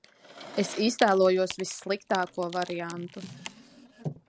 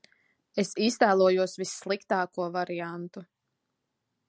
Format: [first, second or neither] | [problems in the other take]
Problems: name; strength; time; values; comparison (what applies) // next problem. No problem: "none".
second | background sound (Drawer open or close + Wood); 14 dB below the speech